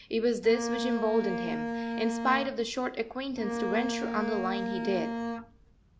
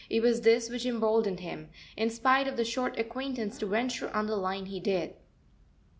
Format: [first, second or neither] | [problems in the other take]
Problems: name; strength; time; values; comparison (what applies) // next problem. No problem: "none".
second | background sound (Bowed string instrument); 3 dB below the speech